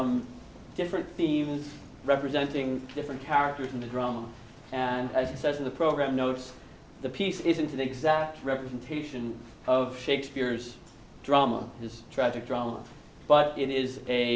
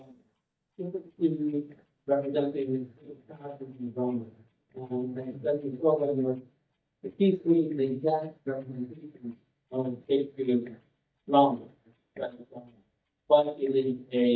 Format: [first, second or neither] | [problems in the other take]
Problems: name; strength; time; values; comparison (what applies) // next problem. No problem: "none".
first | noise reduction (neural mask model DeepFilterNet 3)